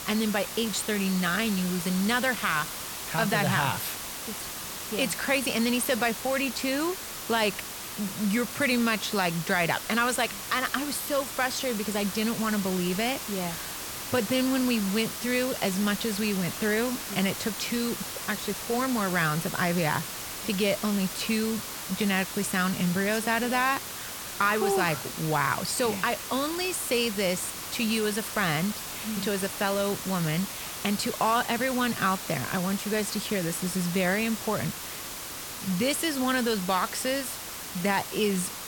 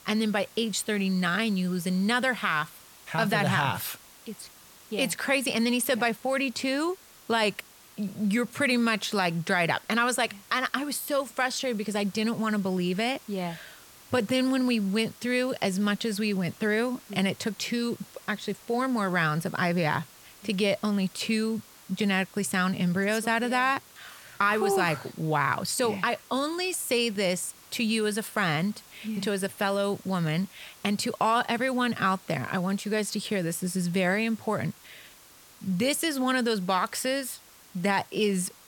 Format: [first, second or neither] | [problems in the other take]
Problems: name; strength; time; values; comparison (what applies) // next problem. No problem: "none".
second | hiss; loud; throughout; 7 dB below the speech; faint in the second